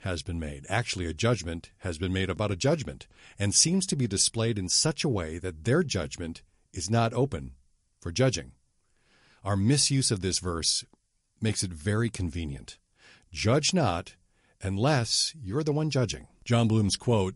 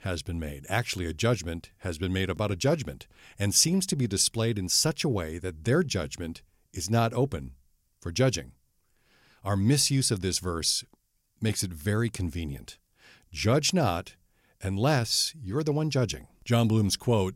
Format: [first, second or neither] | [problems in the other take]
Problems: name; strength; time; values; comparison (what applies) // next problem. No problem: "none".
second | garbled, watery; slightly; nothing above 10.5 kHz